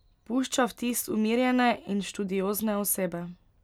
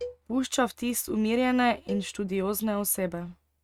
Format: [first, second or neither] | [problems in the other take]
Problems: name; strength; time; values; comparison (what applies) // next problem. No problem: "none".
first | noise reduction (neural mask model RNNoise)